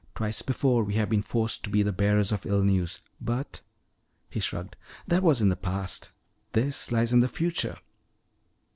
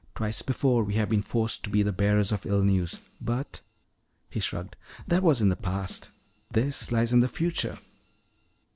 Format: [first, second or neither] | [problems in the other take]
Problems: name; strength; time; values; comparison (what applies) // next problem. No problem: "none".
first | background sound (Drum kit); 19 dB below the speech